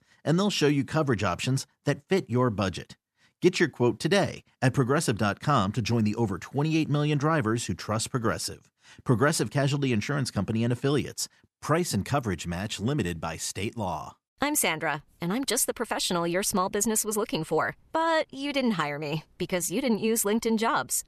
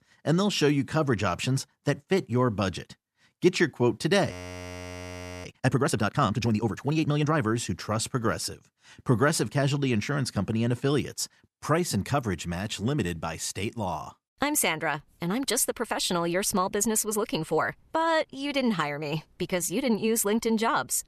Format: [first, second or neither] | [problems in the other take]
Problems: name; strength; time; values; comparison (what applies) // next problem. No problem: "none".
first | audio freezing; at 4.5 s for 1 s